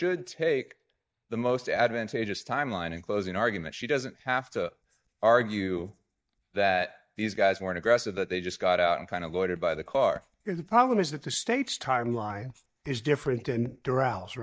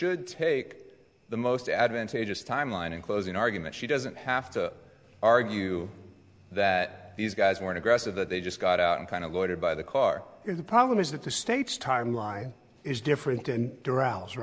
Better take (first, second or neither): second